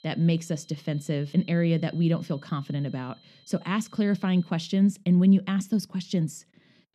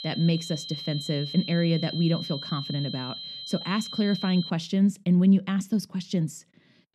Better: first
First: high-pitched whine; faint; until 4.5 s; 4 kHz, 30 dB below the speech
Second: high-pitched whine; loud; until 4.5 s; 4 kHz, 9 dB below the speech

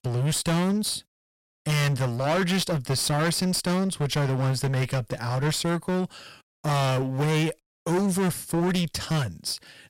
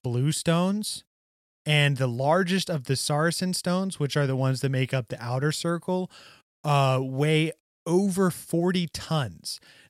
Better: second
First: distortion; heavy; 23% of the sound clipped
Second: none

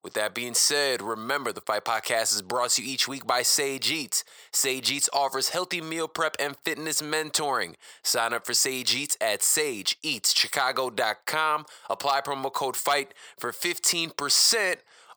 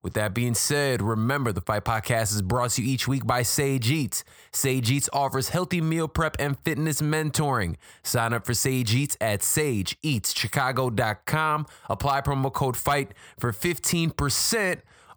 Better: second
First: thin; very; fading below 450 Hz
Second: none

